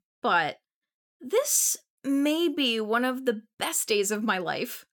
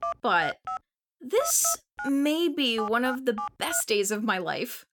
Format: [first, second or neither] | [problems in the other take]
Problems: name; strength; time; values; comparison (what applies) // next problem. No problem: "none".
first | phone ringing; noticeable; until 4 s; peak 7 dB below the speech